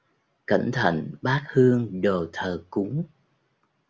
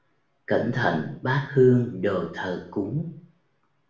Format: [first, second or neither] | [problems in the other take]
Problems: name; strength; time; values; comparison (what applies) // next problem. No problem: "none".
first | room echo; dies away in 0.5 s